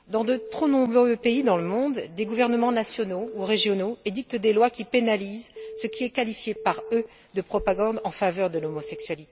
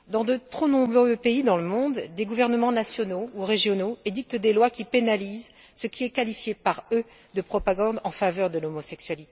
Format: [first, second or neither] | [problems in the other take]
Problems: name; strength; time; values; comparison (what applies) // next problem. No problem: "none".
second | background sound (Telephone); 15 dB below the speech